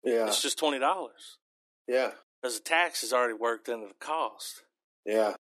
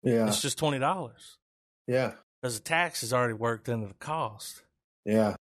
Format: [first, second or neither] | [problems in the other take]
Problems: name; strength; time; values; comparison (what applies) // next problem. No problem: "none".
second | thin; somewhat; fading below 300 Hz